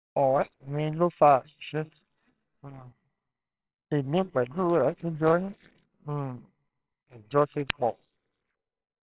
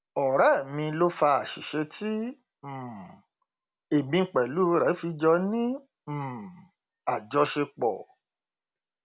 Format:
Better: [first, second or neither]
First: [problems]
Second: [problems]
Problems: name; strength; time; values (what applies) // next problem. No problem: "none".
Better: second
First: noise reduction (neural separator model SepFormer WHAMR!)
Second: none